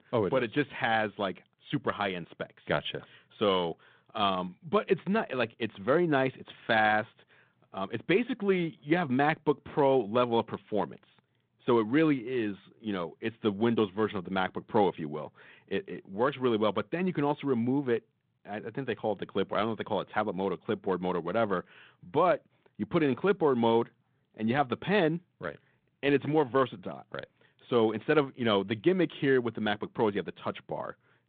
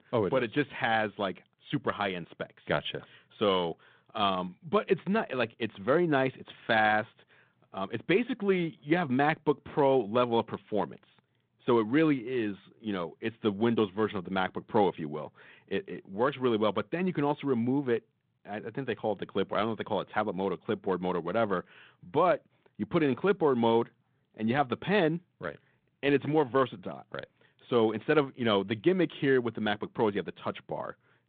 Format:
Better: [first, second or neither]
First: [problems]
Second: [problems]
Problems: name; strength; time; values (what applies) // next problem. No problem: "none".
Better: neither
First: phone-call audio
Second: phone-call audio